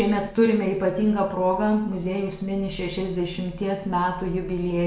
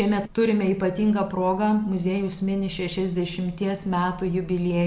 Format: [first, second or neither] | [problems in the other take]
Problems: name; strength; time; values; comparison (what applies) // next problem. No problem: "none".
second | room echo; dies away in 0.6 s